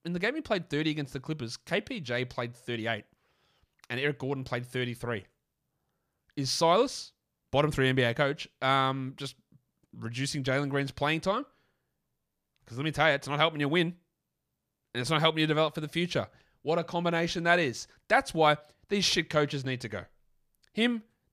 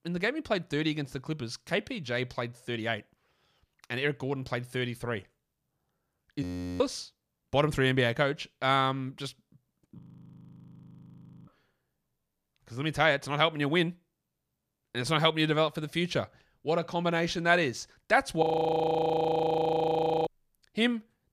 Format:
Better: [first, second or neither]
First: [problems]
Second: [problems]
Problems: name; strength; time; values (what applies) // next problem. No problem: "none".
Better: first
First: none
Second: audio freezing; at 6.5 s, at 10 s for 1.5 s and at 18 s for 2 s